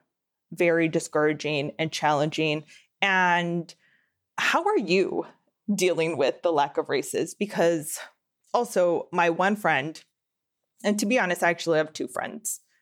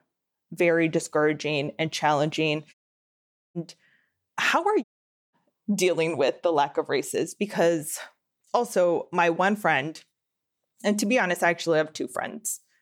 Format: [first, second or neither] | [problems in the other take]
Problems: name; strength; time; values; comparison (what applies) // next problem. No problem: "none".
first | audio cutting out; at 2.5 s for 1 s and at 5 s